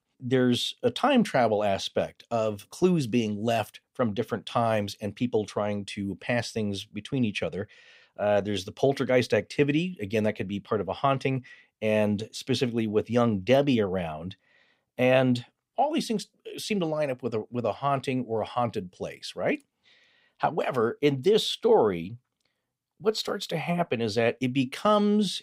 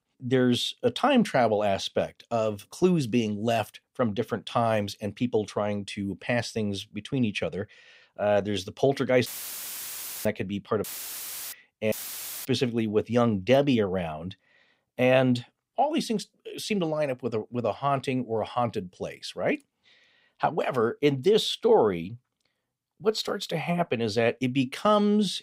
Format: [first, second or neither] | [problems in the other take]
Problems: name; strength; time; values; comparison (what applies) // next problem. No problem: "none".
first | audio cutting out; filled with static; at 9.5 s for 1 s, at 11 s for 0.5 s and at 12 s for 0.5 s